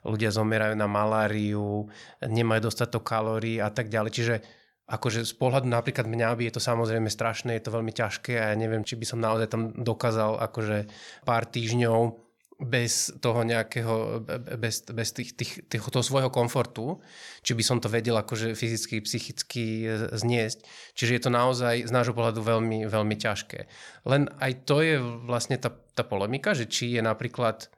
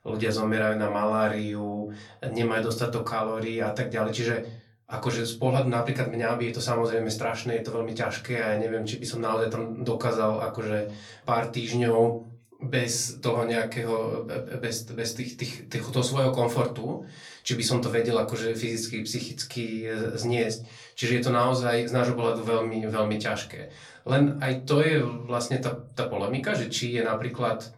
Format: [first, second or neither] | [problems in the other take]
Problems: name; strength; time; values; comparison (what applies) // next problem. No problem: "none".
first | off-mic speech; far // room echo; very slight; dies away in 0.3 s